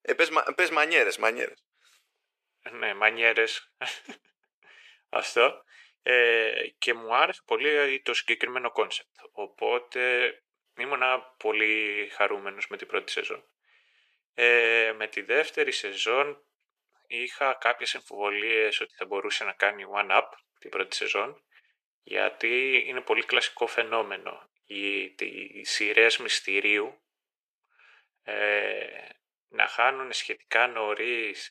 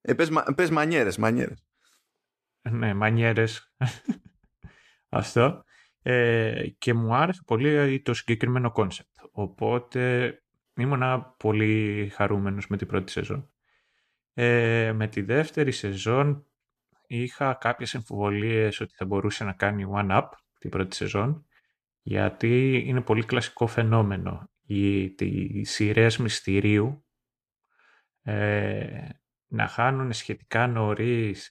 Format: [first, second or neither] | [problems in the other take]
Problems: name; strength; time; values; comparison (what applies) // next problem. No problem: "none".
second | thin; very; fading below 450 Hz